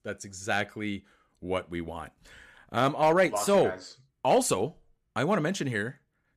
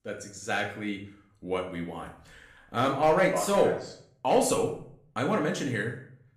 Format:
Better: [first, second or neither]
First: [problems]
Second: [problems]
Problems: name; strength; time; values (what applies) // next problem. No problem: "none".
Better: first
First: none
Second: room echo; slight; dies away in 0.5 s // off-mic speech; somewhat distant